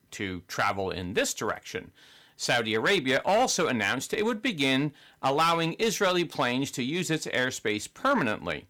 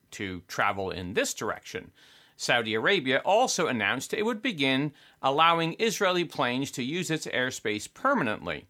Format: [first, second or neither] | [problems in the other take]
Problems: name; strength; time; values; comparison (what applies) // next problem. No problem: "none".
second | distortion; slight; 4% of the sound clipped